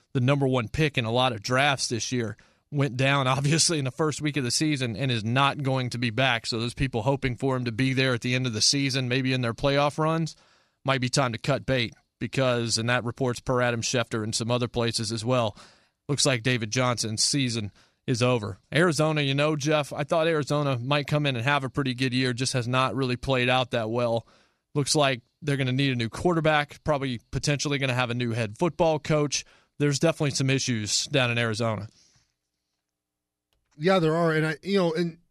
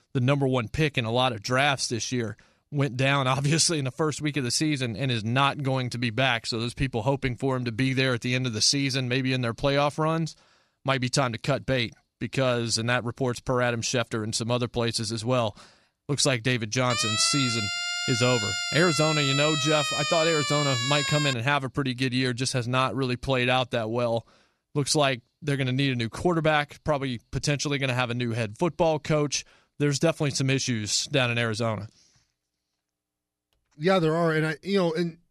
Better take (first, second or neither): first